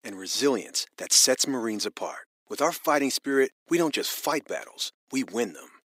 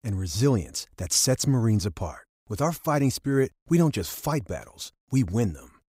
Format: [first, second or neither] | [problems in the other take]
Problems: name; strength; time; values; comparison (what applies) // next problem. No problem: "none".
second | thin; somewhat; fading below 300 Hz